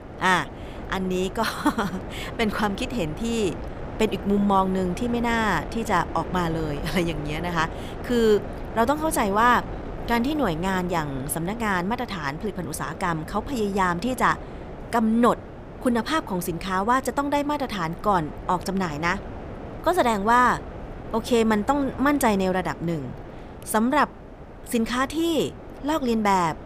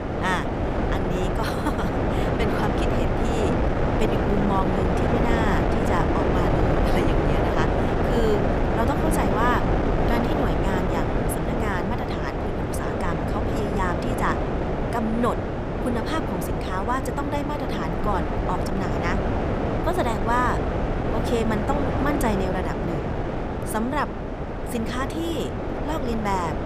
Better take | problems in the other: first | wind noise on the microphone; heavy; 1 dB above the speech; occasional gusts in the first

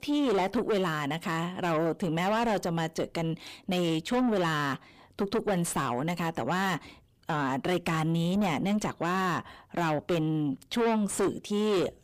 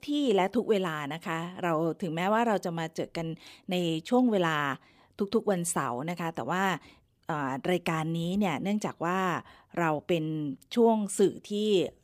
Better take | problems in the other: second | distortion; heavy; 6 dB below the speech

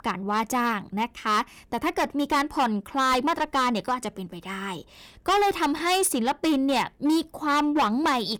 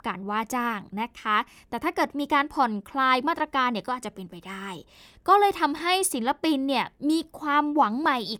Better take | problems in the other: second | distortion; heavy; 10% of the sound clipped

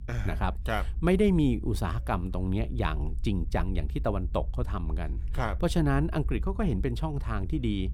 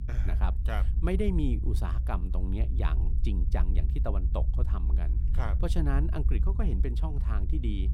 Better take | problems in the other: first | low rumble; loud; throughout; 9 dB below the speech; faint in the first

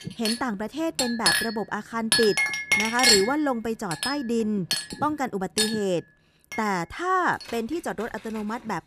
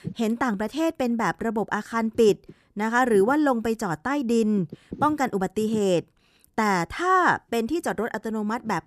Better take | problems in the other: second | household noises; very loud; throughout; 4 dB above the speech

